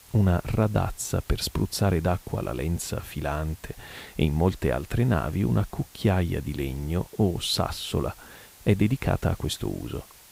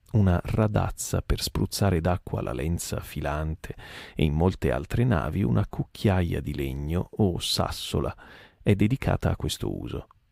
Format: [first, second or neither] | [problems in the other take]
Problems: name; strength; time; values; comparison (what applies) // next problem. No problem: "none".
second | hiss; faint; throughout; 25 dB below the speech